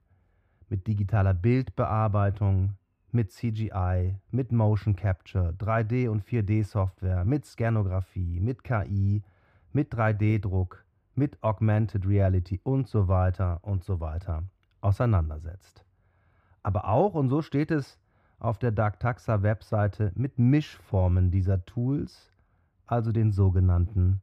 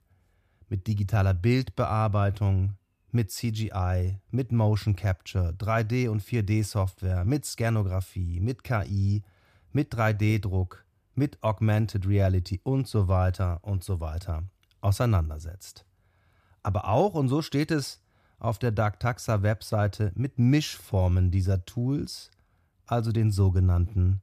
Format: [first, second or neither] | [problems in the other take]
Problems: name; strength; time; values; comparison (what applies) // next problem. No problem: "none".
second | muffled; slightly; fading above 3.5 kHz